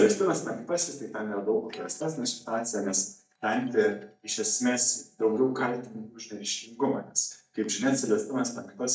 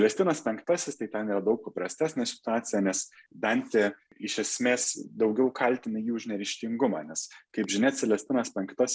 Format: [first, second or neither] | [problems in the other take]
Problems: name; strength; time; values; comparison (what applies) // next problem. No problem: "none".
second | noise reduction (neural mask model DeepFilterNet 3)